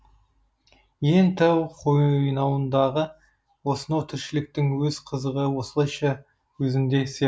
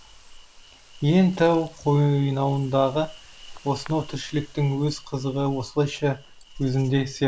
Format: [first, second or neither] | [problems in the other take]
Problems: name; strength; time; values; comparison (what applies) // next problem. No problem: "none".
first | background sound (Insect); 20 dB below the speech